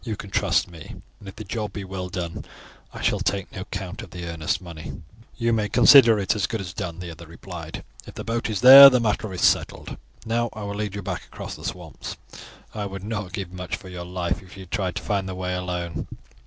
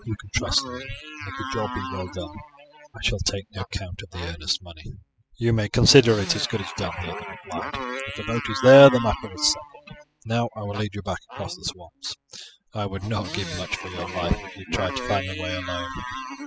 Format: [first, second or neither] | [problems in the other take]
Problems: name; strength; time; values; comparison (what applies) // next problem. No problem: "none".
first | noise reduction (classical method spectral subtraction)